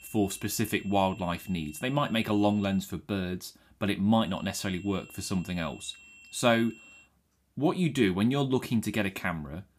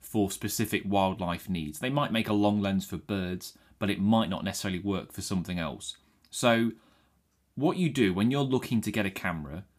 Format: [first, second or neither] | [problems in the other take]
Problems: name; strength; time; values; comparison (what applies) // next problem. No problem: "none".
second | high-pitched whine; faint; until 3 s and from 4 to 7 s; 2.5 kHz, 20 dB below the speech